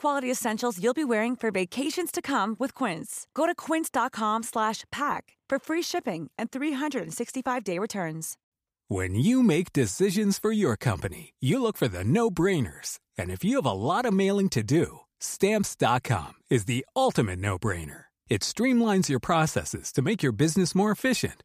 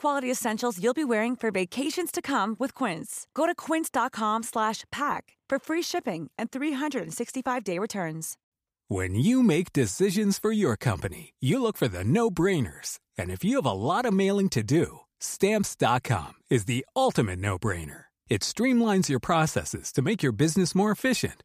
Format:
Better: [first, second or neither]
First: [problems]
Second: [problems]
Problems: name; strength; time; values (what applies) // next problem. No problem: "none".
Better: neither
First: none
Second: none